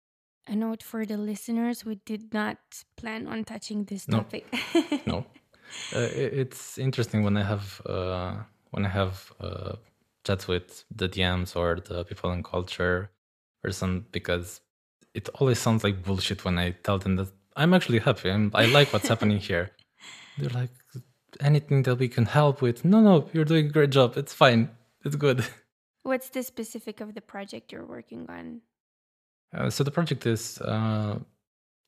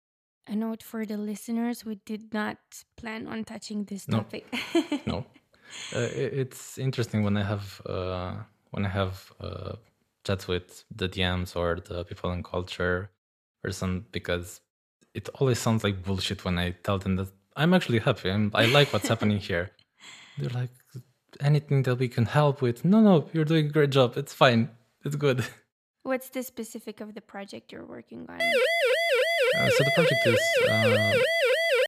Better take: first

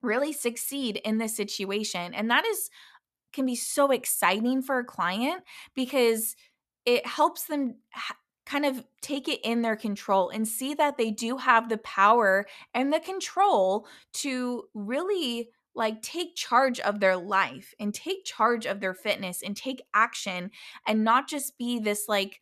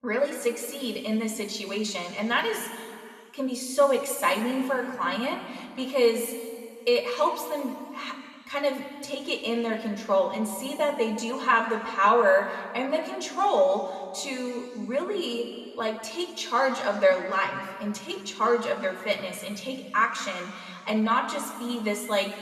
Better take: first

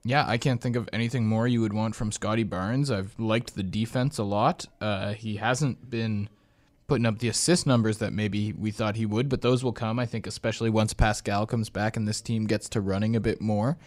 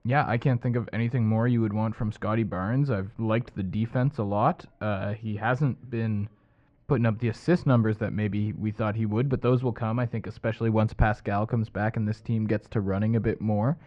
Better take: first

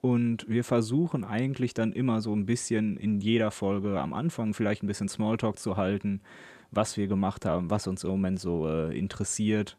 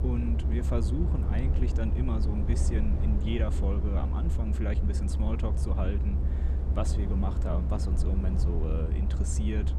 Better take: first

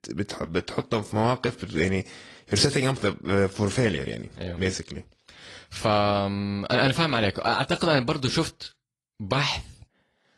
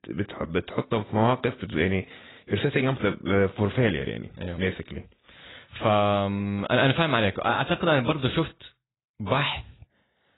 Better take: first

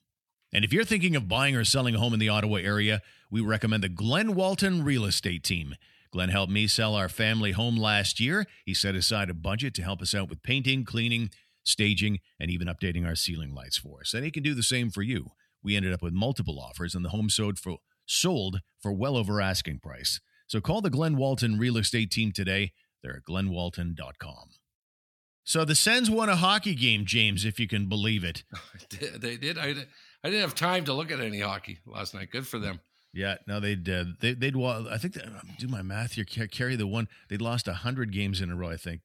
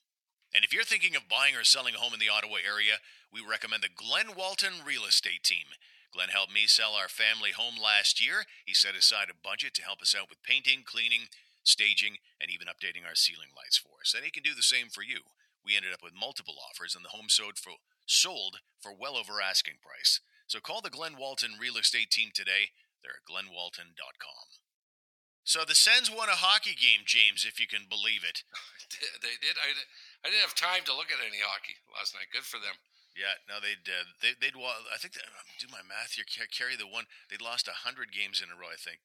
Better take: first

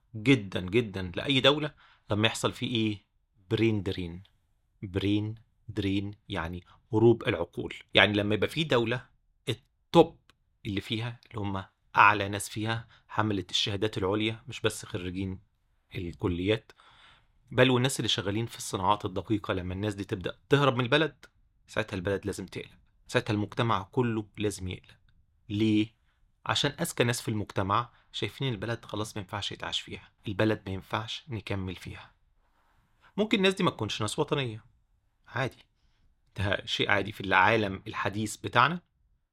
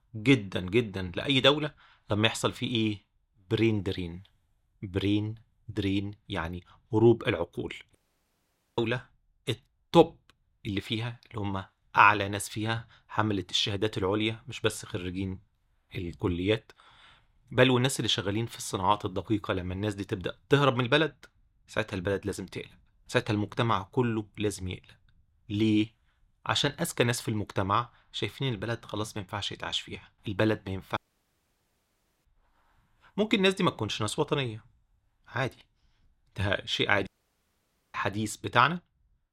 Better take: first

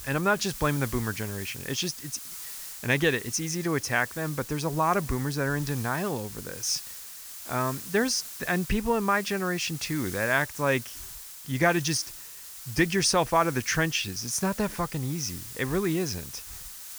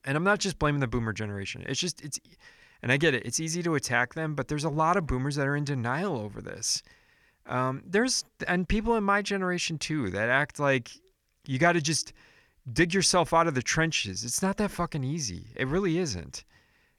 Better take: second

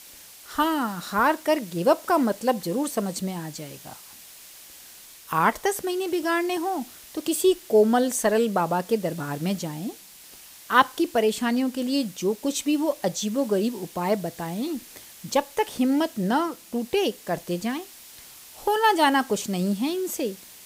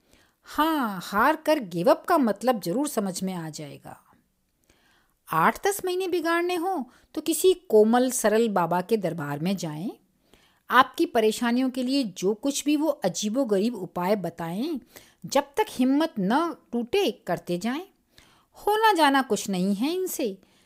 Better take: second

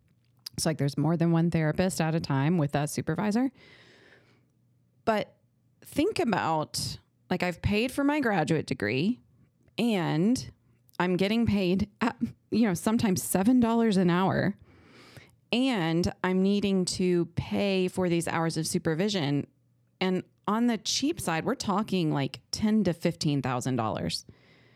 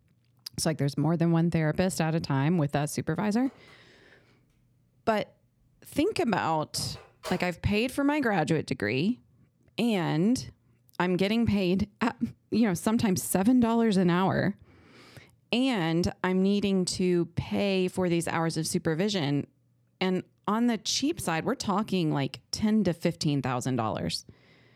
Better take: first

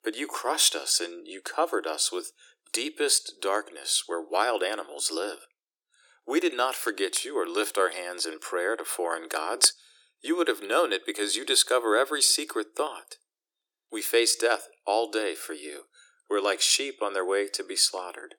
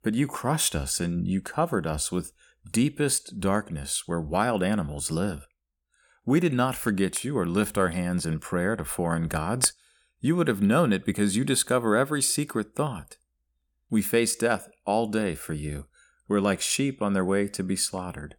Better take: second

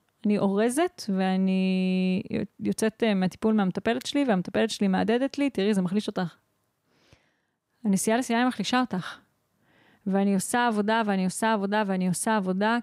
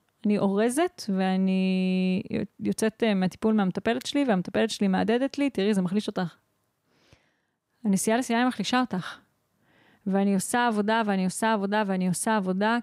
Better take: neither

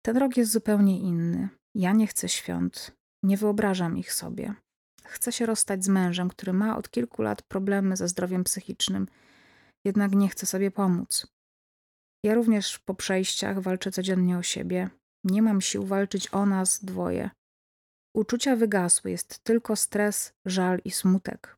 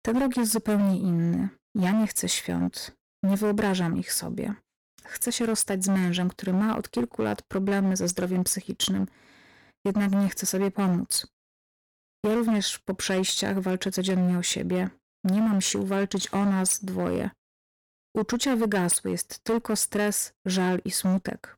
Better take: first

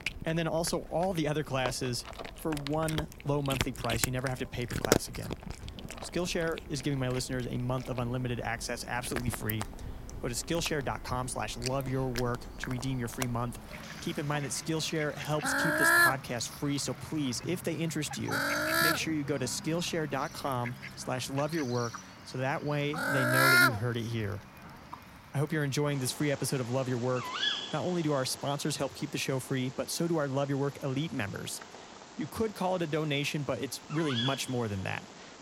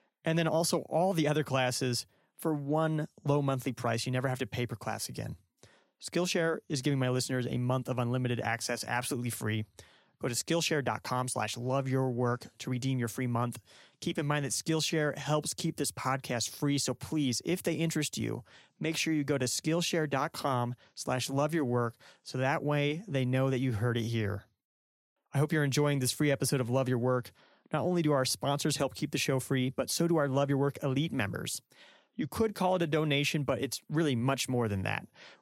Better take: second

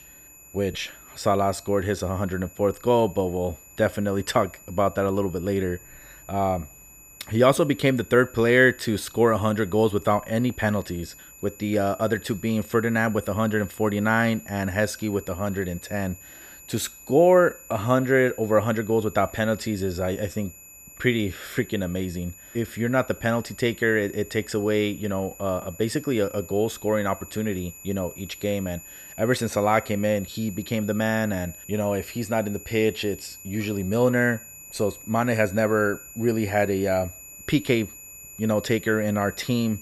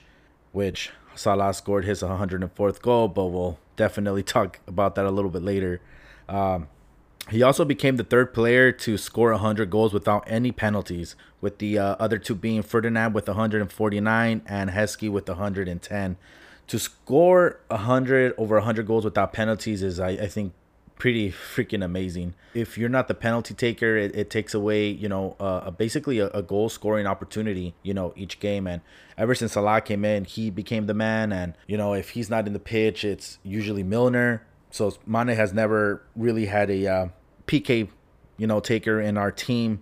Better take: second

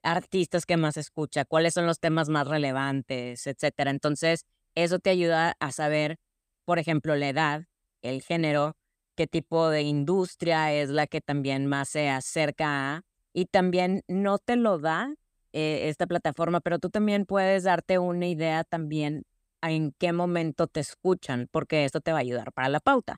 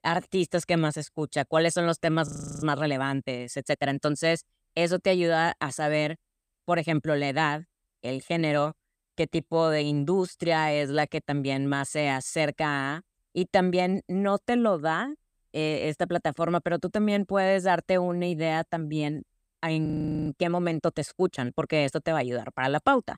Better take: first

